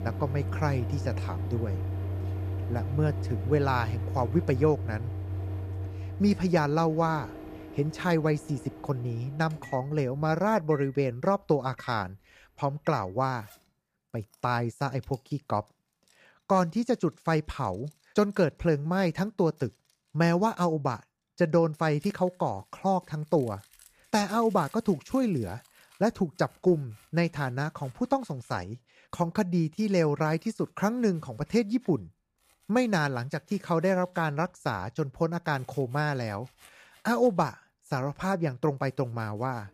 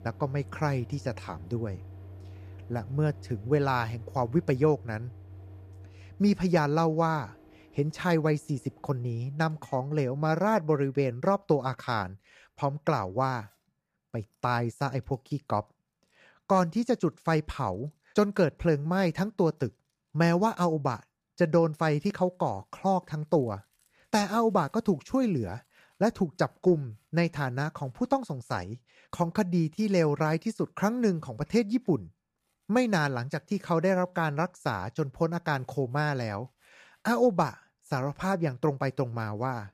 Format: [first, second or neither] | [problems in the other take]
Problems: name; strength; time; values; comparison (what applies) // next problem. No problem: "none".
second | household noises; loud; throughout; 7 dB below the speech; faint in the second